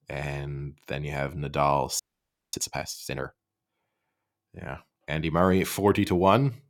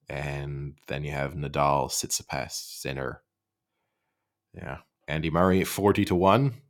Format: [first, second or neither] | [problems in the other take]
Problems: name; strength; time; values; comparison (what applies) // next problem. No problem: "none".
second | audio freezing; at 2 s for 0.5 s